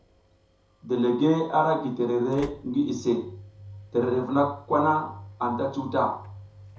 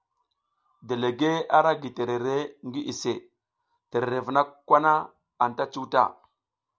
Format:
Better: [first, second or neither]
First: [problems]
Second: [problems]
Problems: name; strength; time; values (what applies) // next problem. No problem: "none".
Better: second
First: background sound (Slam / Engine); 19 dB below the speech // room echo; dies away in 0.7 s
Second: none